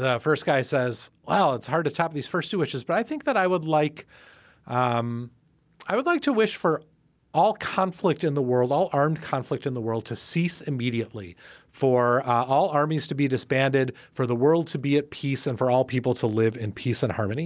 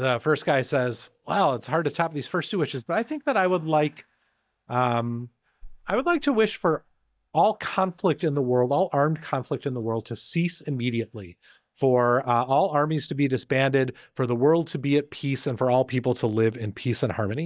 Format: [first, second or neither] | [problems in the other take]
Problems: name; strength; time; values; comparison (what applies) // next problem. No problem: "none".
first | noise reduction (neural mask model DeepFilterNet 3)